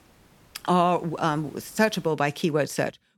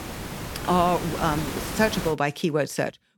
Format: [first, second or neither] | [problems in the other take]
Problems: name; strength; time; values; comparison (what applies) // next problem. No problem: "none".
first | hiss; loud; until 2 s; 7 dB below the speech; faint in the first